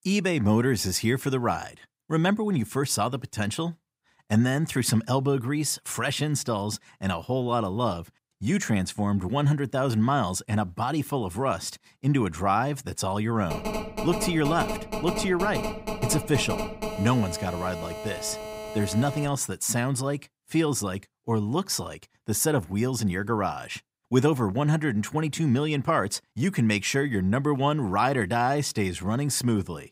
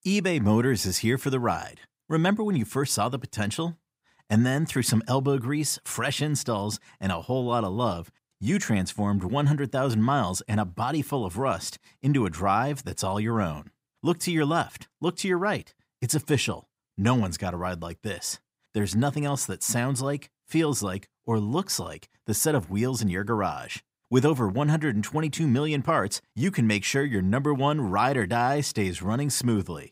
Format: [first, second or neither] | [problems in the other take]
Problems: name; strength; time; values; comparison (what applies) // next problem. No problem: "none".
second | phone ringing; noticeable; from 14 to 19 s; peak 5 dB below the speech